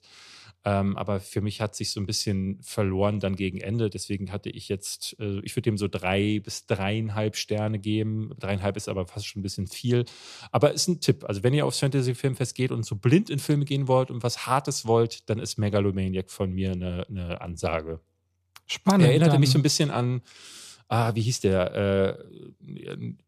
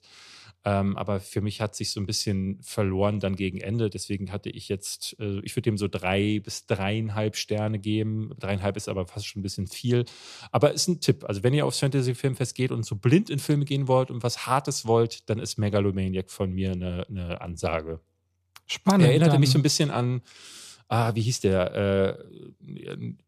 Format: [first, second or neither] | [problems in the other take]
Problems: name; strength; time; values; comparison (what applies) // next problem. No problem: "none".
neither | none